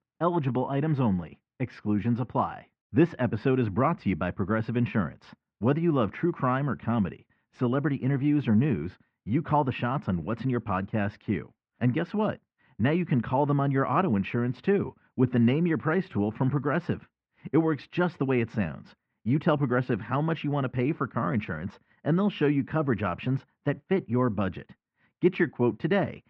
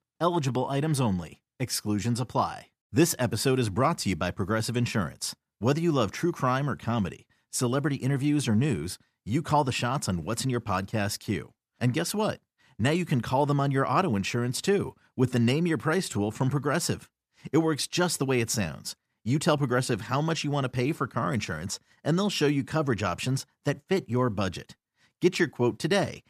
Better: second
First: muffled; very; fading above 2.5 kHz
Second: none

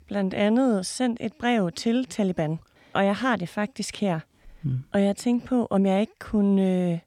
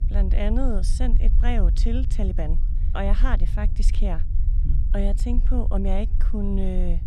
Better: first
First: none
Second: low rumble; noticeable; throughout; 10 dB below the speech

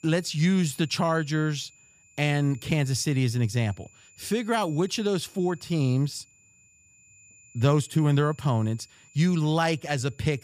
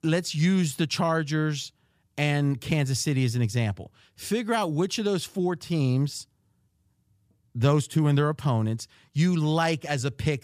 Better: second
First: high-pitched whine; faint; throughout; 2.5 kHz, 30 dB below the speech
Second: none

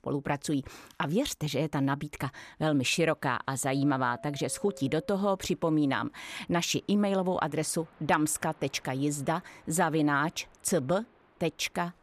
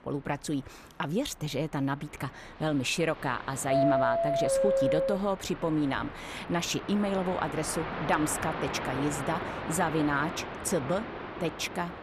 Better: first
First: train or aircraft noise; faint; throughout; 25 dB below the speech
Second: train or aircraft noise; loud; throughout; 2 dB below the speech

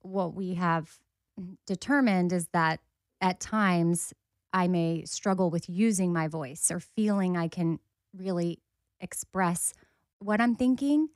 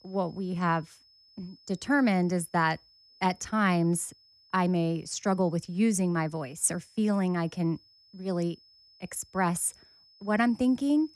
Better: first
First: none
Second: high-pitched whine; faint; throughout; 5 kHz, 30 dB below the speech

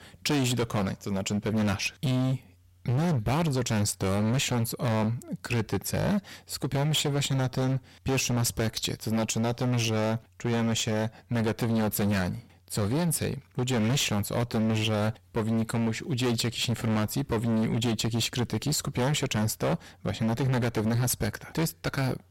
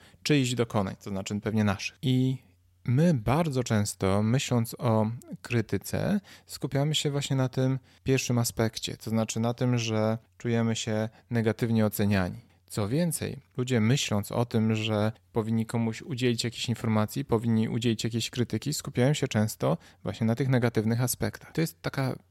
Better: second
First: distortion; heavy; 23% of the sound clipped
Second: none

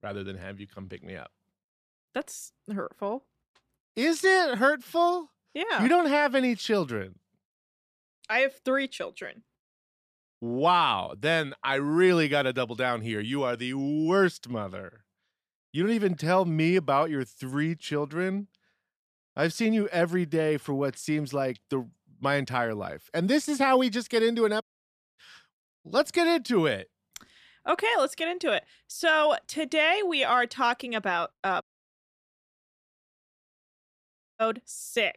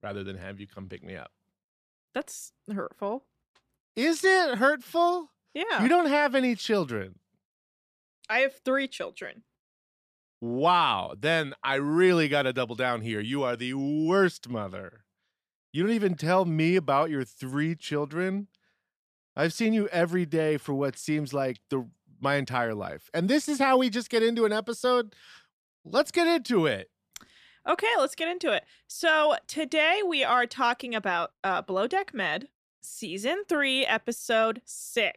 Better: second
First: audio cutting out; at 25 s for 0.5 s and at 32 s for 3 s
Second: none

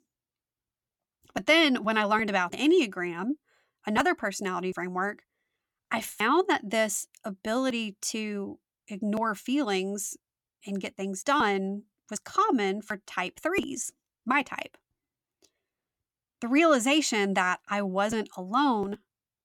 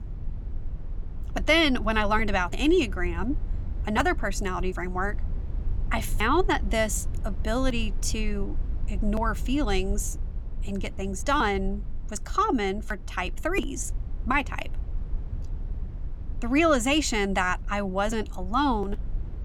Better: first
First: none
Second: low rumble; faint; throughout; 25 dB below the speech

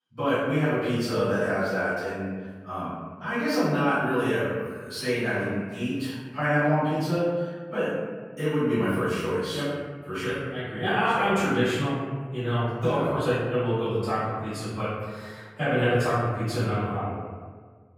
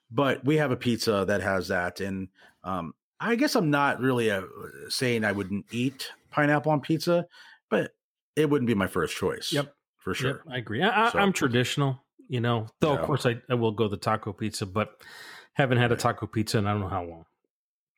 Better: second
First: room echo; strong; dies away in 1.4 s // off-mic speech; far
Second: none

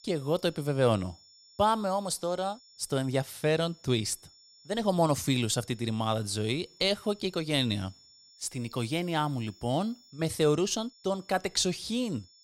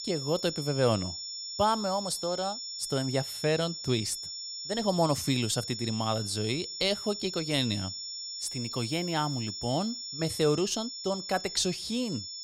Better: first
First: high-pitched whine; faint; throughout; 5.5 kHz, 25 dB below the speech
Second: high-pitched whine; loud; throughout; 5.5 kHz, 6 dB below the speech

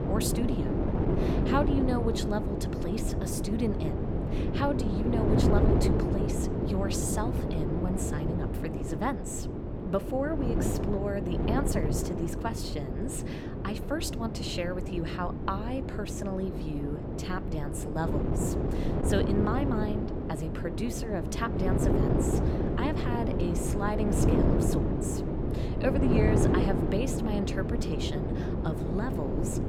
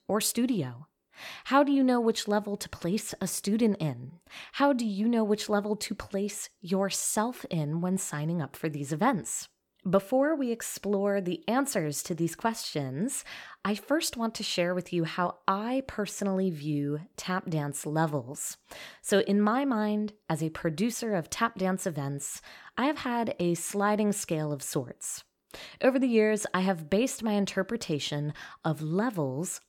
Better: second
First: wind noise on the microphone; heavy; as loud as the speech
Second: none

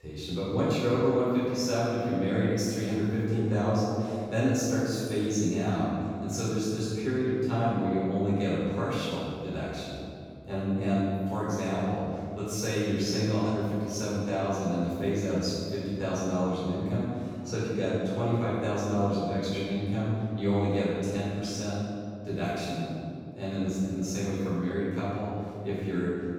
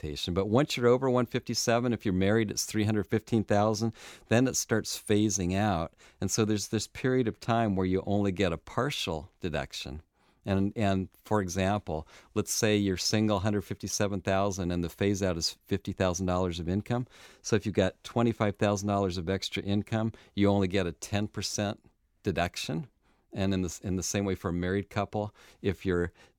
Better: second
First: off-mic speech; far // room echo; strong; dies away in 2.2 s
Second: none

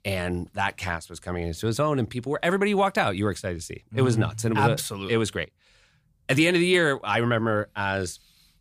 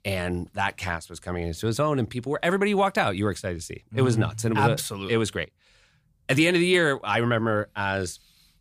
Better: neither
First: none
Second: none

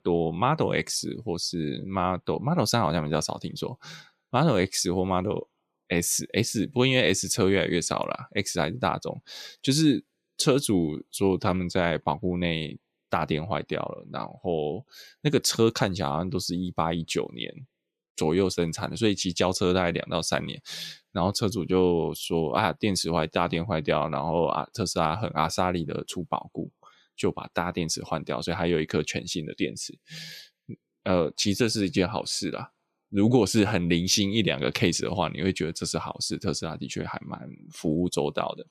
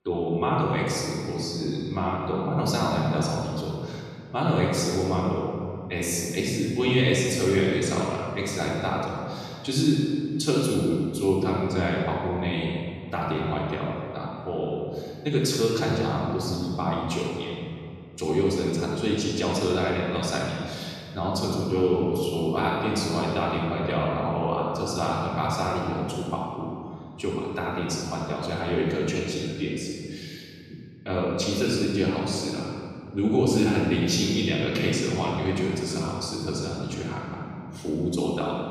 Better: first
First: none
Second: off-mic speech; far // room echo; strong; dies away in 2.2 s

